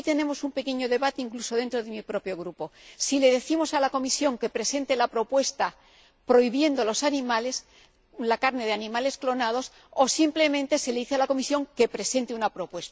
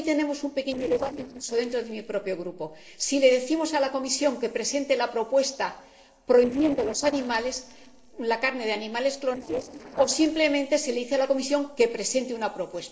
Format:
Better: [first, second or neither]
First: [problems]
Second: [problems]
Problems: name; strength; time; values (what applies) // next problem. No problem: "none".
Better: first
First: none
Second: noise reduction (neural separator model SepFormer DNS4)